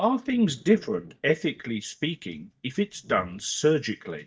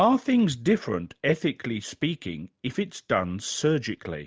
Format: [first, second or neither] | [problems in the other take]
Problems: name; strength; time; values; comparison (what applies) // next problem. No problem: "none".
second | noise reduction (neural mask model DeepFilterNet 3)